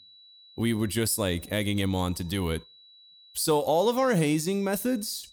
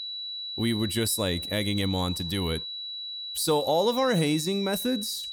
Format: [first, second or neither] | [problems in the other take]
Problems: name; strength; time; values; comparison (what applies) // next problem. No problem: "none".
first | high-pitched whine; loud; throughout; 4 kHz, 6 dB below the speech; faint in the first